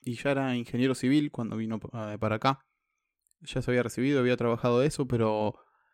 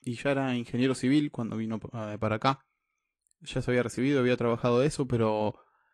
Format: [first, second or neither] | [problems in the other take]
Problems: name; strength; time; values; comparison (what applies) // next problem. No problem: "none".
first | garbled, watery; slightly